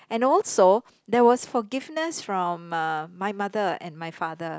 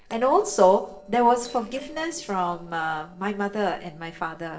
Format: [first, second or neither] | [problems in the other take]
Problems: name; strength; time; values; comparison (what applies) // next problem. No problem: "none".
first | noise reduction (neural separator model SepFormer DNS4)